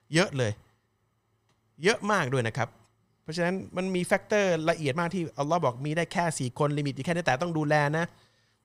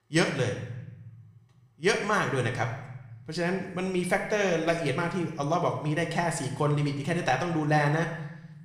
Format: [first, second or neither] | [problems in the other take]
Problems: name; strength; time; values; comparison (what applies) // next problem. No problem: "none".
first | room echo; slight; dies away in 0.8 s